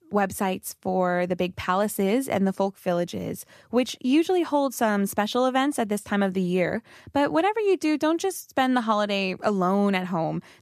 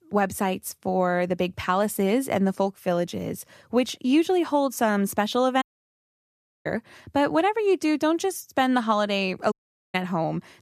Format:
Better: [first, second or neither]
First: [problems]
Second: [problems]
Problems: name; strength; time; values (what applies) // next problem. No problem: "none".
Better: first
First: none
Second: audio cutting out; at 5.5 s for 1 s and at 9.5 s